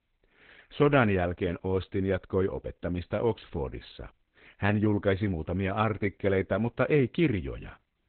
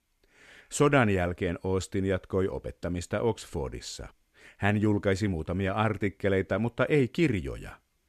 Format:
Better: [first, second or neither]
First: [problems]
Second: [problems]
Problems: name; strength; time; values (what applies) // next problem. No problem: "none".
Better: second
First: garbled, watery; badly; nothing above 4 kHz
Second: none